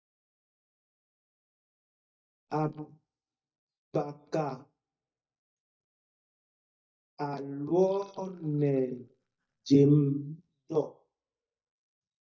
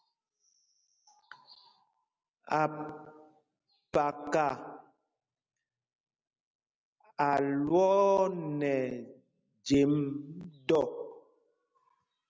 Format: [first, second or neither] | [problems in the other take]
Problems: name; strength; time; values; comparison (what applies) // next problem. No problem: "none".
second | noise reduction (neural mask model DeepFilterNet 3)